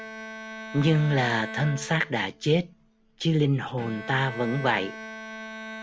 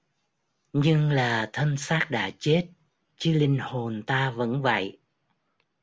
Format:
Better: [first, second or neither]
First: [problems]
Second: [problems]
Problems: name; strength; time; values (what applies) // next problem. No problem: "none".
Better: second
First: background sound (Bowed string instrument); 12 dB below the speech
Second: none